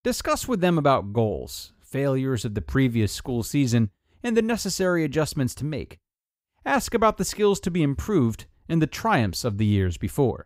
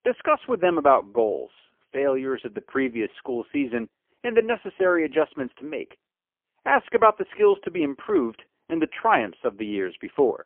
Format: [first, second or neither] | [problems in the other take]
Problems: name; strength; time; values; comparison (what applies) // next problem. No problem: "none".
first | phone-call audio; poor line; nothing above 3 kHz